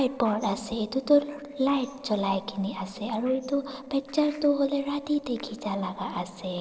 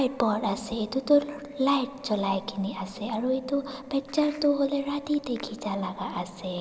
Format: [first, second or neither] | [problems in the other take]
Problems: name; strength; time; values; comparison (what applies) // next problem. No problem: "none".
second | noise reduction (neural separator model SepFormer DNS4)